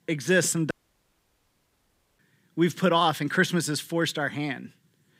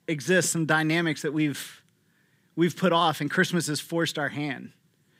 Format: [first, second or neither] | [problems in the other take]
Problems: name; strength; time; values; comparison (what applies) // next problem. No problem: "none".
second | audio cutting out; at 0.5 s for 1.5 s